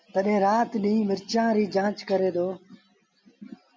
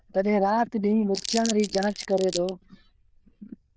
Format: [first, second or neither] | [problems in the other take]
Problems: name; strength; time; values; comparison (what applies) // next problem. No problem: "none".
first | noise reduction (neural diffusion model UNIVERSE++)